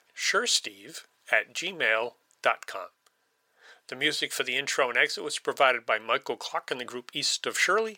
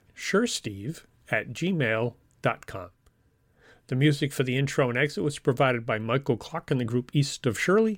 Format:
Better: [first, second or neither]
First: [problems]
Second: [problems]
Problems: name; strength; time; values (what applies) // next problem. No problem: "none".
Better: second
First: thin; very; fading below 750 Hz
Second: none